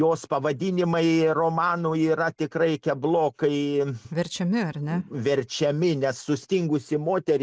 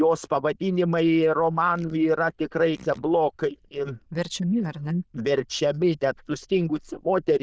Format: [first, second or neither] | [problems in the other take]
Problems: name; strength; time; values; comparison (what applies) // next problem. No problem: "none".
first | noise reduction (neural diffusion model UNIVERSE++)